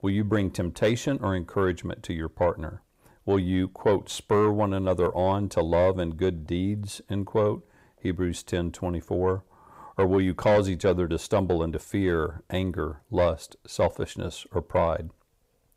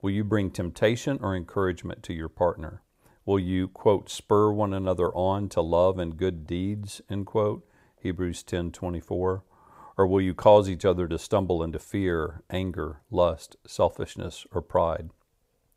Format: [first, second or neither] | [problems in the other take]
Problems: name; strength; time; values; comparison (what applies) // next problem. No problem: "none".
second | distortion; slight; 10 dB below the speech